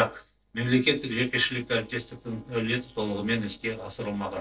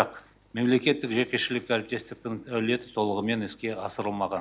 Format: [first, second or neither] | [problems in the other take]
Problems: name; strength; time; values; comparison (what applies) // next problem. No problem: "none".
second | noise reduction (neural separator model SepFormer DNS4)